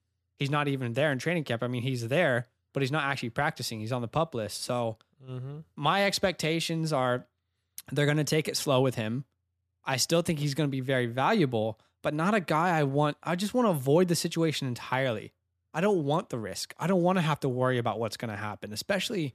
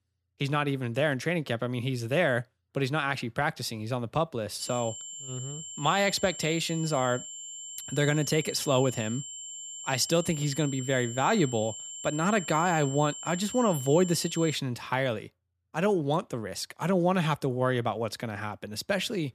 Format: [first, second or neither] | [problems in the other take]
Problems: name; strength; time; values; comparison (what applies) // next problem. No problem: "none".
first | high-pitched whine; loud; from 4.5 to 15 s; 7.5 kHz, 10 dB below the speech